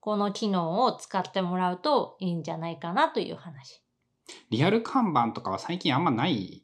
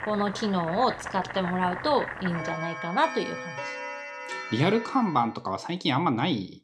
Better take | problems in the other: first | household noises; loud; until 5 s; 8 dB below the speech

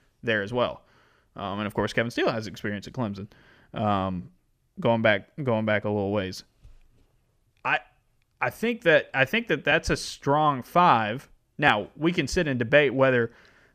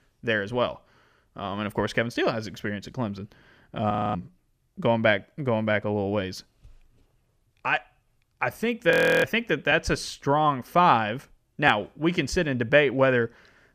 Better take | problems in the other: first | audio freezing; at 4 s and at 9 s

